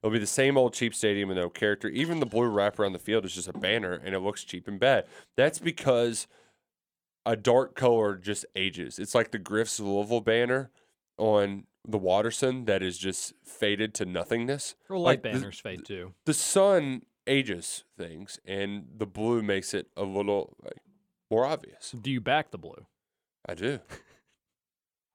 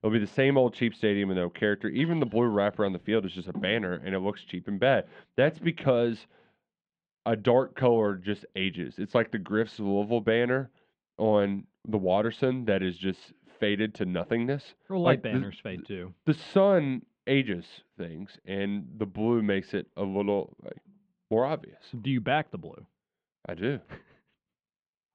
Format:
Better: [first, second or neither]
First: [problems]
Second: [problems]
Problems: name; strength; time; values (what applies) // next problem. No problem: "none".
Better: first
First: none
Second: muffled; very; fading above 3.5 kHz